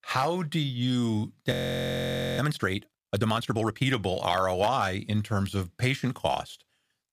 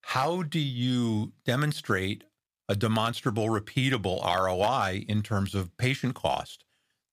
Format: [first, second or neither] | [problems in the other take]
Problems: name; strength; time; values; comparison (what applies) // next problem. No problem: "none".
second | audio freezing; at 1.5 s for 1 s